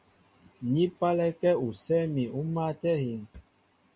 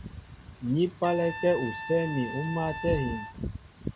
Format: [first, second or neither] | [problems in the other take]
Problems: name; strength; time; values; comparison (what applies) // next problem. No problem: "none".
first | background sound (Wind / Rain + Trumpet); 8 dB below the speech